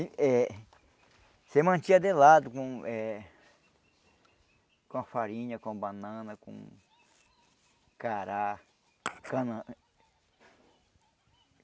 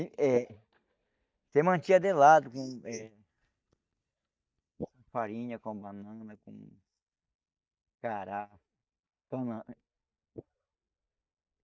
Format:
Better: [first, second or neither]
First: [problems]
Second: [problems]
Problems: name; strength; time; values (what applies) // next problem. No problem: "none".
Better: first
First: none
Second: noise reduction (neural mask model DeepFilterNet 3)